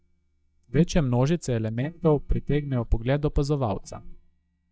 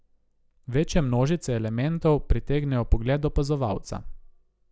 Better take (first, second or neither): second